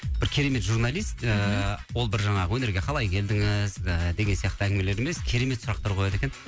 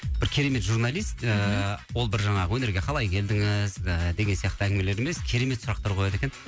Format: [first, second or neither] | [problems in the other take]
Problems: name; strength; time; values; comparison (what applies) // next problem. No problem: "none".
second | background sound (Walk, footsteps); 12 dB below the speech